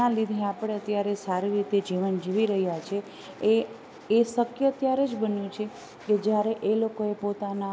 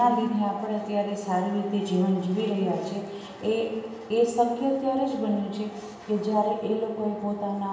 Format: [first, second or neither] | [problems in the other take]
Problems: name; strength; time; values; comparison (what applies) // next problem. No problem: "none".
first | room echo; dies away in 1.1 s